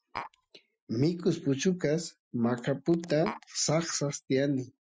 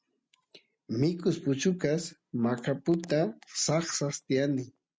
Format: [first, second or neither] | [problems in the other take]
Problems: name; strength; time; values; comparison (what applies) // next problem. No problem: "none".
second | noise reduction (classical method Wiener filter)